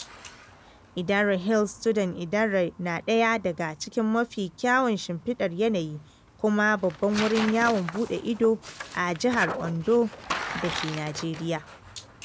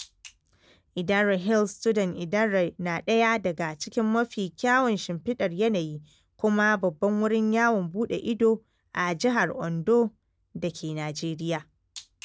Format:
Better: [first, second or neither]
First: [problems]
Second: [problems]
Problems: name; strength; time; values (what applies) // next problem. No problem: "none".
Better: second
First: background sound (Tearing); 13 dB below the speech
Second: none